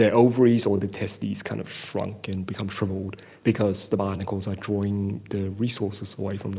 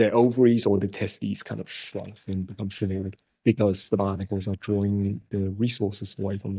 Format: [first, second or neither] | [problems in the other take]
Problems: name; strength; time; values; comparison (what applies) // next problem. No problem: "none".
first | noise reduction (neural mask model DeepFilterNet 3)